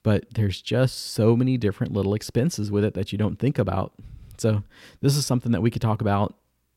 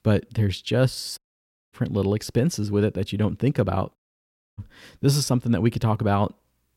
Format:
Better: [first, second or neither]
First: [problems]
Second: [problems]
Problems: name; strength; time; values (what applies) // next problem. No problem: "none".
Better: first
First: none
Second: audio cutting out; at 1 s for 0.5 s and at 4 s for 0.5 s